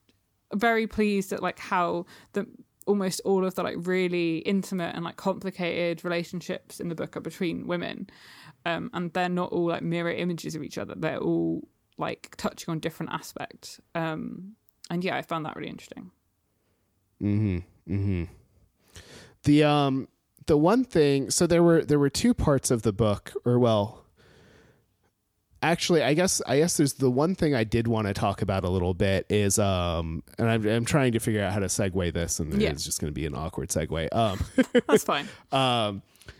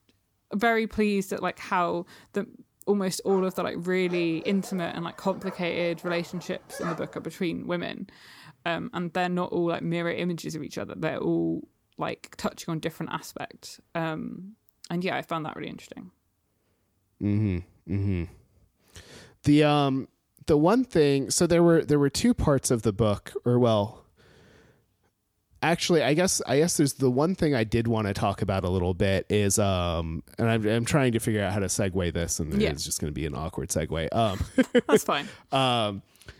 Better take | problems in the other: first | dog barking; noticeable; from 3.5 to 7 s; peak 10 dB below the speech

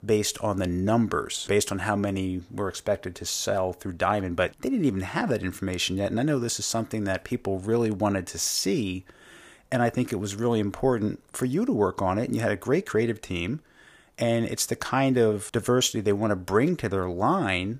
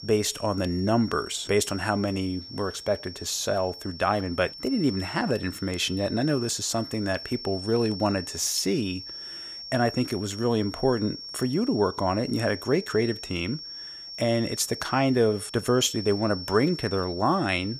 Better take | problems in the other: first | high-pitched whine; noticeable; throughout; 5.5 kHz, 10 dB below the speech

